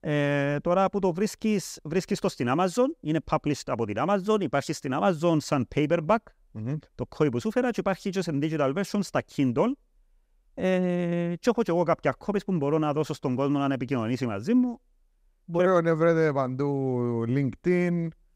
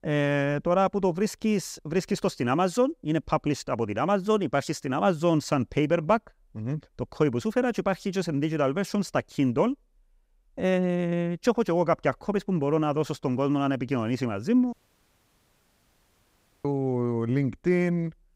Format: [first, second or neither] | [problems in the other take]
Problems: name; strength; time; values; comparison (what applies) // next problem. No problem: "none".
first | audio cutting out; at 15 s for 2 s